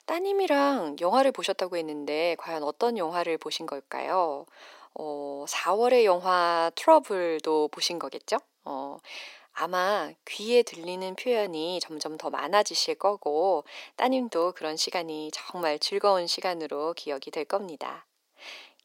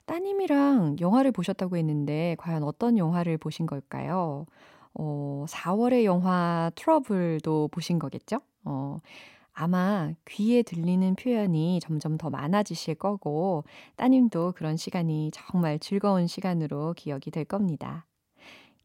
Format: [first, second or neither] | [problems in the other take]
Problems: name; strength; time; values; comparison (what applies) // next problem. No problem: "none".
second | thin; very; fading below 400 Hz